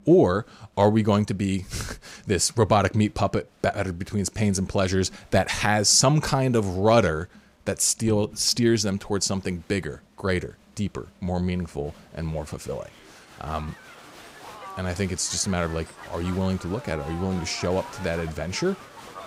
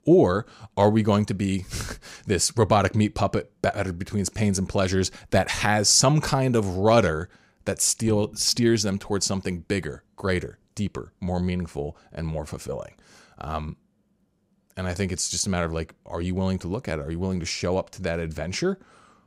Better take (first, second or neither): second